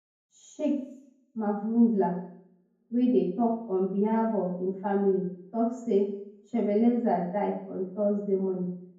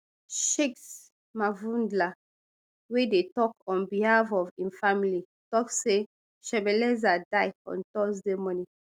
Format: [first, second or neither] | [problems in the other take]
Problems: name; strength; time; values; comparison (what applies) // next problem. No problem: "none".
second | room echo; dies away in 0.9 s